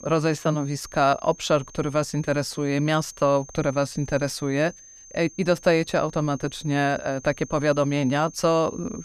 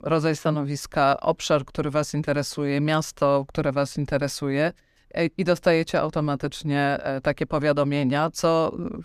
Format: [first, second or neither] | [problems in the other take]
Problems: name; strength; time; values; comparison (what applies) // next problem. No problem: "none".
second | high-pitched whine; noticeable; throughout; 6.5 kHz, 20 dB below the speech